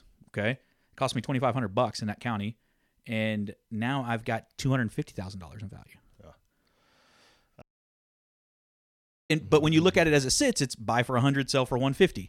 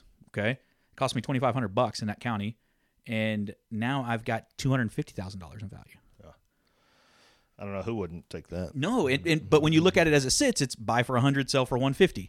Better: second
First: audio cutting out; at 7.5 s for 1.5 s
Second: none

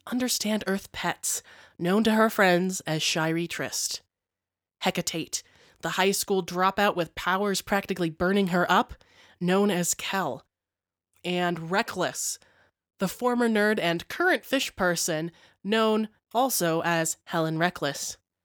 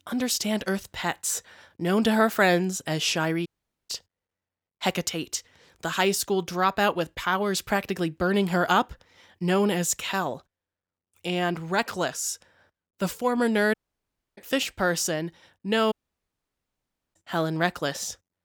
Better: first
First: none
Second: audio cutting out; at 3.5 s, at 14 s for 0.5 s and at 16 s for 1 s

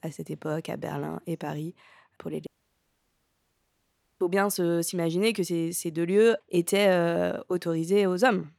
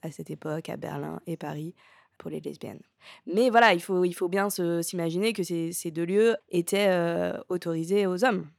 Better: second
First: audio cutting out; at 2.5 s for 1.5 s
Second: none

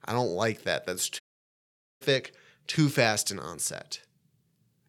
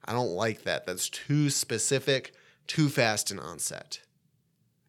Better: second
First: audio cutting out; at 1 s for 1 s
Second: none

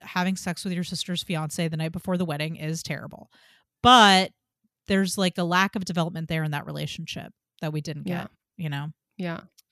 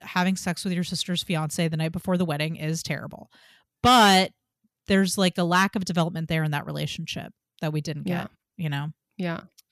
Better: first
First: none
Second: distortion; slight; 1.3% of the sound clipped

